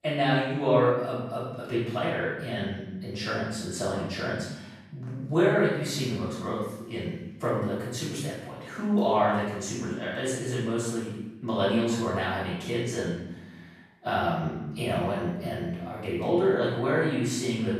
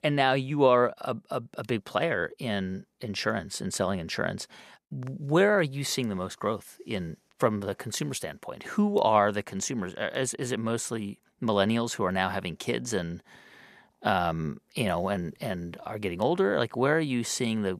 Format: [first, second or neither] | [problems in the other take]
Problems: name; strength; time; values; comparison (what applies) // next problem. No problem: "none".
second | off-mic speech; far // room echo; strong; dies away in 0.9 s